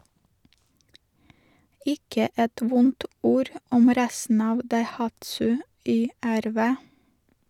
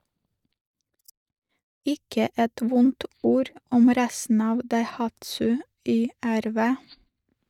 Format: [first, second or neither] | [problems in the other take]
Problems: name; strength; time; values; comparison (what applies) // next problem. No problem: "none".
first | noise reduction (neural mask model DeepFilterNet 3)